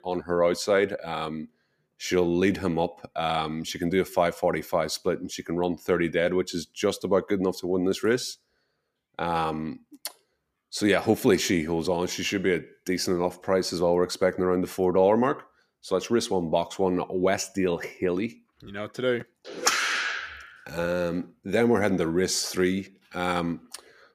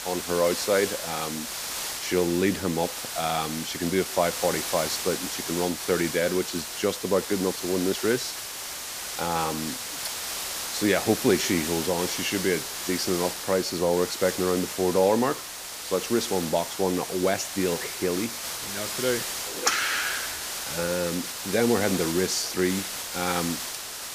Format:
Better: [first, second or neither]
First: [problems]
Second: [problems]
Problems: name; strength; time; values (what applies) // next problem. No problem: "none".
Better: first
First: none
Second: hiss; loud; throughout; 4 dB below the speech